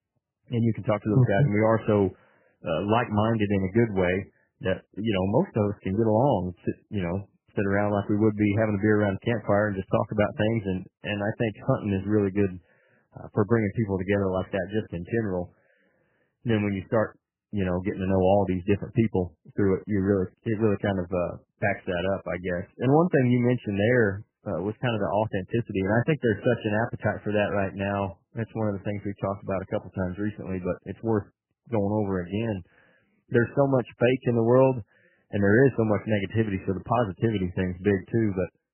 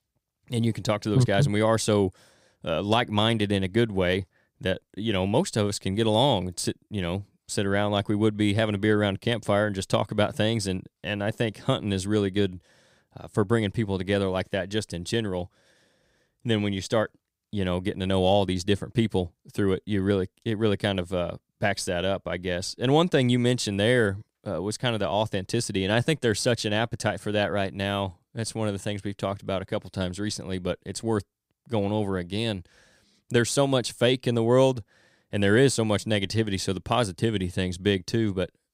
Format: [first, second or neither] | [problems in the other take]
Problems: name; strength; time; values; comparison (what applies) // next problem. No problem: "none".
second | garbled, watery; badly; nothing above 3 kHz